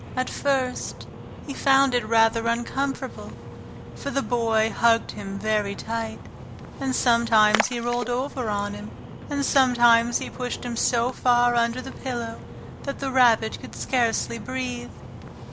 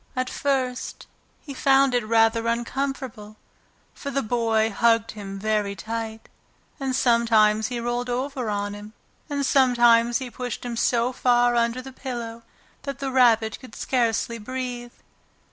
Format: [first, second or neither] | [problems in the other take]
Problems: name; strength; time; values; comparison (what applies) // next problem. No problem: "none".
second | background sound (Splash, splatter); 11 dB below the speech